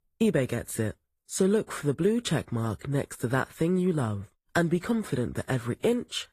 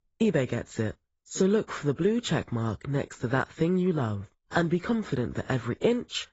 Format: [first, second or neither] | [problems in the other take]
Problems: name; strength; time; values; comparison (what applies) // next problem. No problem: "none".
first | garbled, watery; badly; nothing above 7.5 kHz; slightly in the first